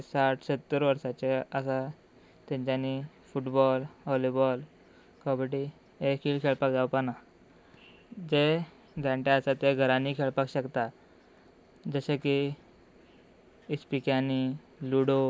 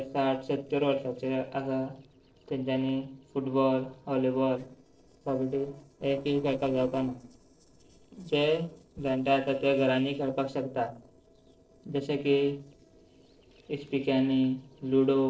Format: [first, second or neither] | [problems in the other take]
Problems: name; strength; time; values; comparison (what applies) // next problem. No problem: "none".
first | noise reduction (neural separator model SepFormer DNS4)